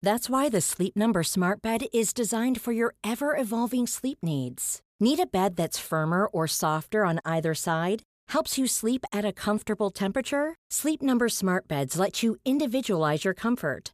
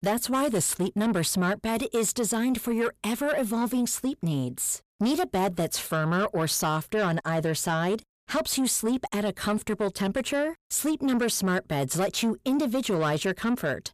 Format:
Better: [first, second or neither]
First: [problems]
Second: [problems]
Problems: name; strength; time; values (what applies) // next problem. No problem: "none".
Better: first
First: none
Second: distortion; slight; 10 dB below the speech